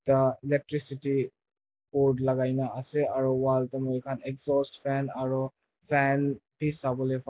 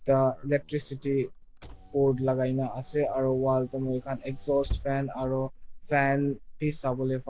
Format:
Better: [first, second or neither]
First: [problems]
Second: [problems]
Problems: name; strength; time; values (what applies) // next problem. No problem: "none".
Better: first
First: none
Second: background sound (Engine / Car); 13 dB below the speech